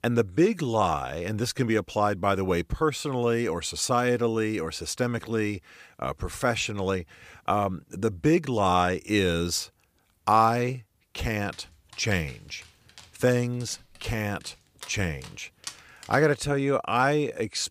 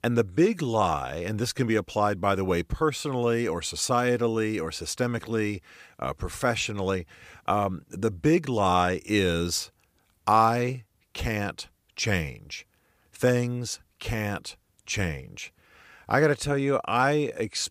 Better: second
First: dog barking; faint; from 12 to 16 s; peak 15 dB below the speech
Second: none

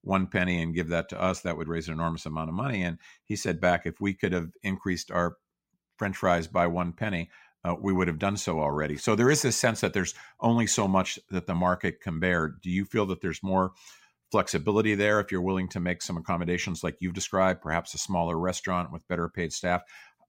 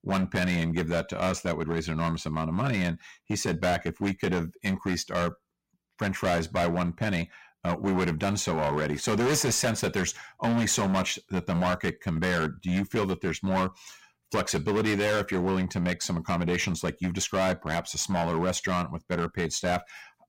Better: first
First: none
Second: distortion; heavy; 14% of the sound clipped

